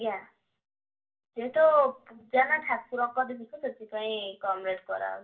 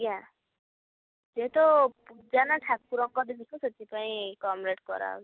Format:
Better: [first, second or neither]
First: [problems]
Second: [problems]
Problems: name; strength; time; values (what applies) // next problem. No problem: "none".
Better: second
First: room echo; dies away in 0.2 s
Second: none